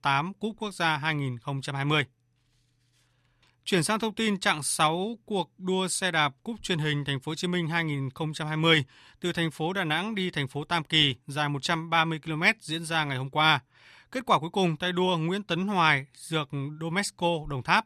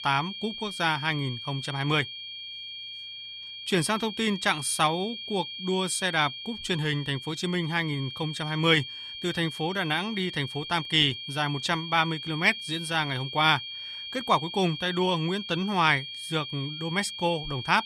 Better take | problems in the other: first | high-pitched whine; loud; throughout; 3 kHz, 9 dB below the speech

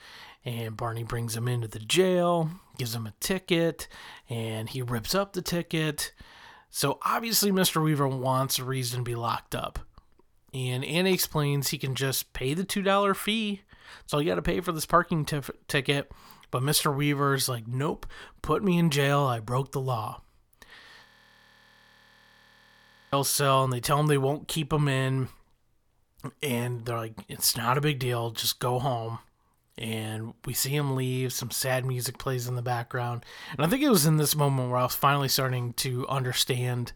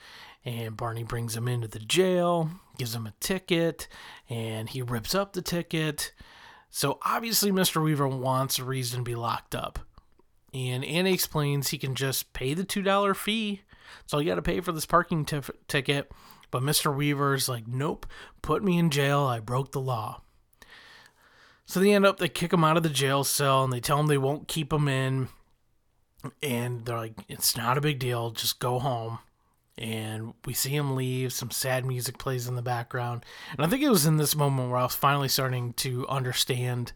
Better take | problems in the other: second | audio freezing; at 21 s for 2 s

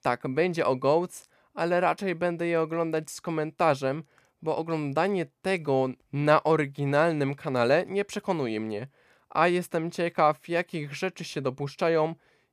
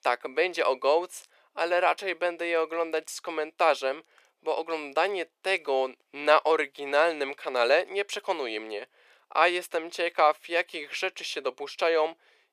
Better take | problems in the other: first | thin; very; fading below 400 Hz

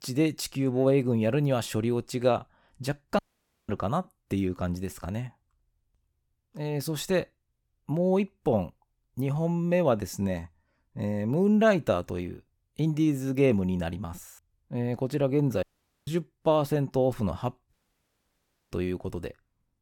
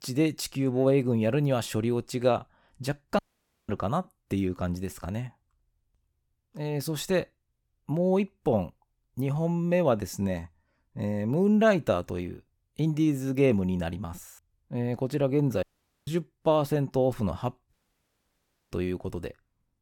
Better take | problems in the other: neither | audio cutting out; at 3 s for 0.5 s, at 16 s and at 18 s for 1 s; the same in both

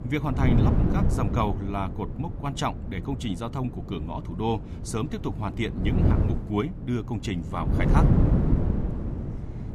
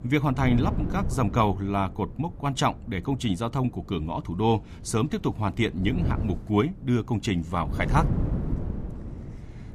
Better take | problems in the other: second | wind noise on the microphone; heavy; 3 dB below the speech; occasional gusts in the second

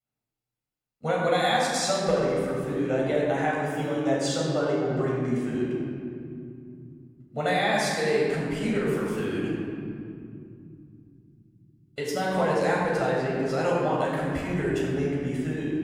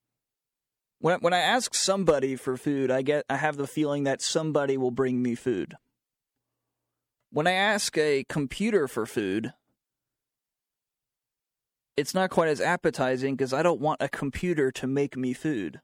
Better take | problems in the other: second | off-mic speech; far // room echo; strong; dies away in 3 s

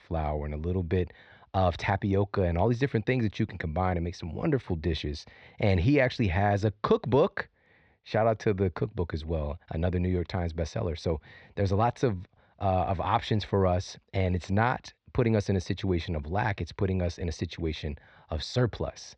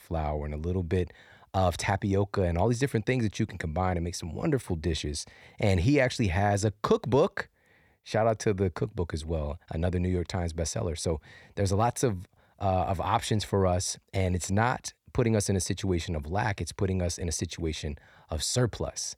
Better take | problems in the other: second | muffled; slightly; fading above 4 kHz

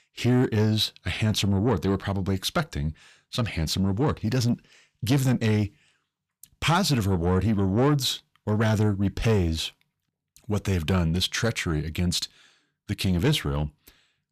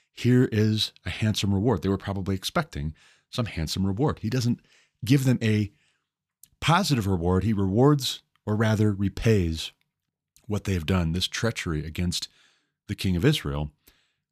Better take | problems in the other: second | distortion; slight; 10 dB below the speech

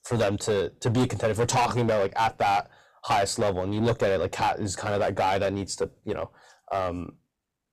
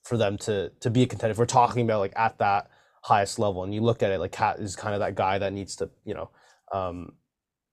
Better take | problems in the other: second | distortion; heavy; 10% of the sound clipped

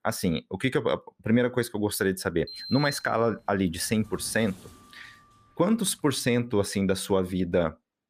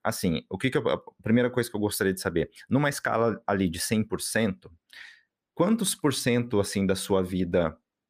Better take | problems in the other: second | door banging; noticeable; from 2.5 to 5 s; peak 7 dB below the speech

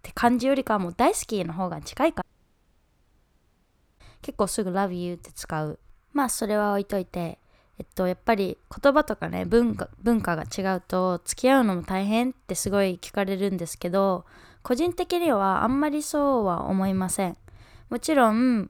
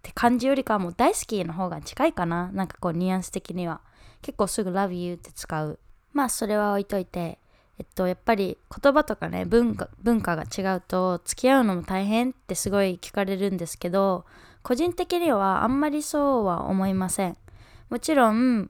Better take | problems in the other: second | audio cutting out; at 2 s for 2 s

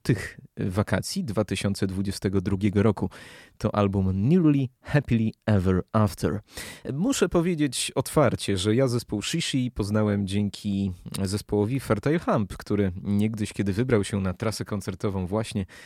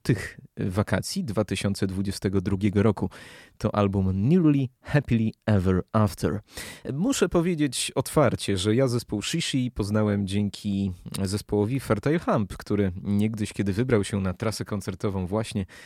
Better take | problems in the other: neither | none

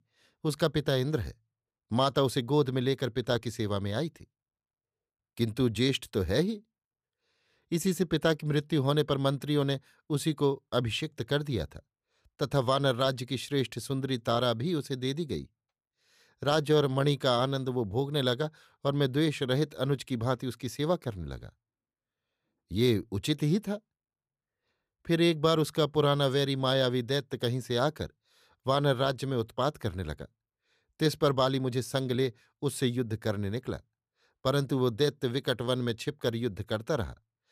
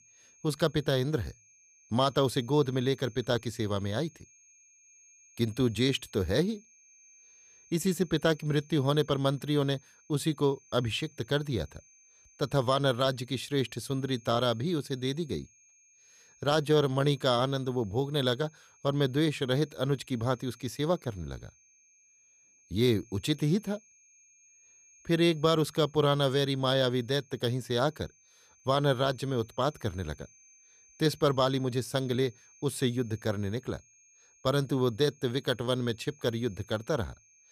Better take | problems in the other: first | high-pitched whine; faint; throughout; 6.5 kHz, 30 dB below the speech

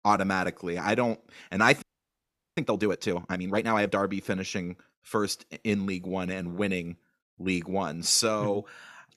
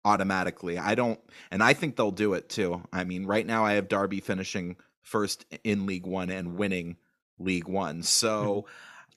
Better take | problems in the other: second | audio freezing; at 2 s for 0.5 s

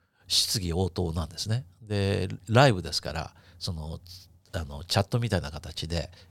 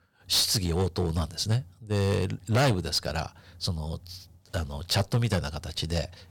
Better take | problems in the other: first | distortion; heavy; 5% of the sound clipped

